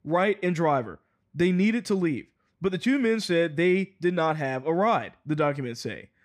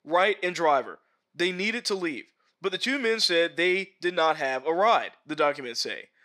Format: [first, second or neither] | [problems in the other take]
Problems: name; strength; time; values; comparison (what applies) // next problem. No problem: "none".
first | thin; somewhat; fading below 500 Hz